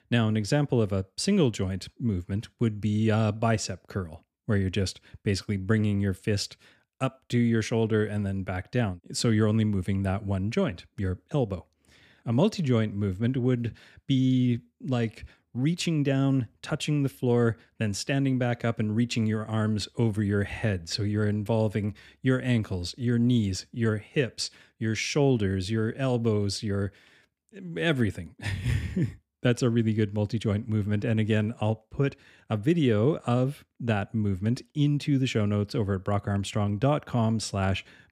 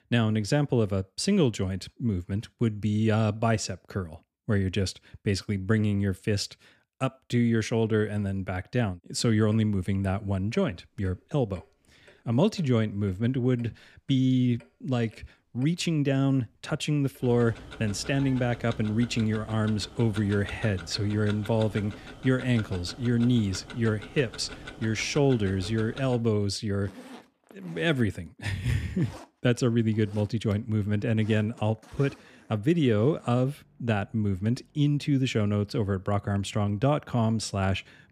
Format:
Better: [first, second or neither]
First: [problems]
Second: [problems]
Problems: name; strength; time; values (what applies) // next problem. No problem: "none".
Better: first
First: none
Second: household noises; noticeable; from 9.5 s on; 20 dB below the speech